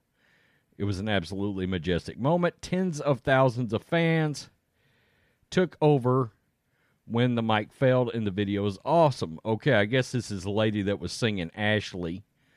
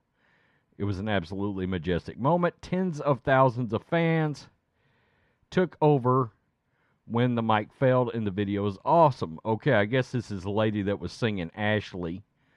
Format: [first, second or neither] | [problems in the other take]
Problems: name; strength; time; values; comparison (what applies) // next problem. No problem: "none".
first | muffled; slightly; fading above 2.5 kHz